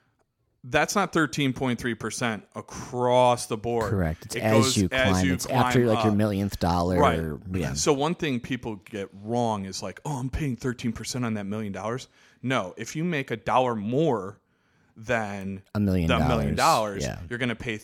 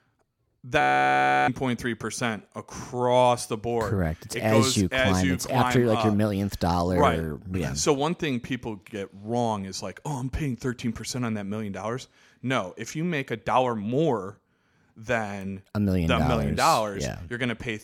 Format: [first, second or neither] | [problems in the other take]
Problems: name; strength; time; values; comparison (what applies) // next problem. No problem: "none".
first | audio freezing; at 1 s for 0.5 s